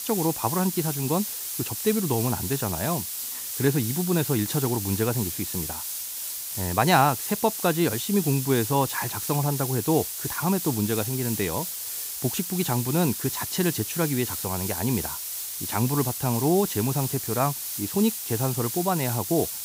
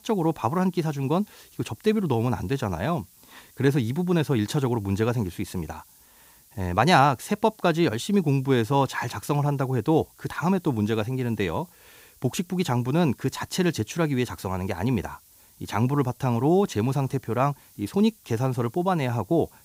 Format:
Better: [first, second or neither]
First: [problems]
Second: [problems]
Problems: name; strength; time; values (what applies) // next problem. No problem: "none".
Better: second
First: hiss; loud; throughout; 3 dB below the speech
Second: hiss; faint; throughout; 25 dB below the speech